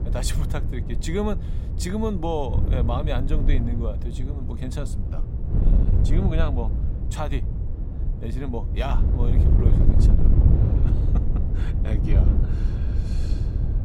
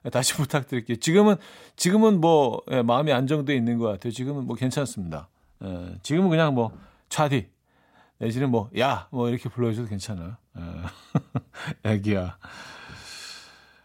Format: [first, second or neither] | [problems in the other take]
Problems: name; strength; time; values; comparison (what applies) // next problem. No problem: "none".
second | wind noise on the microphone; heavy; 5 dB below the speech